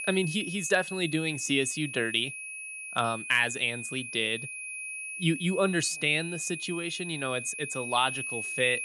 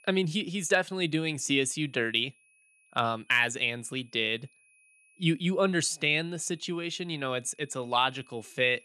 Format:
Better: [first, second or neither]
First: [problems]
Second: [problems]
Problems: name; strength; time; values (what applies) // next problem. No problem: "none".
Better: second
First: high-pitched whine; loud; throughout; 2.5 kHz, 7 dB below the speech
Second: high-pitched whine; faint; throughout; 2.5 kHz, 30 dB below the speech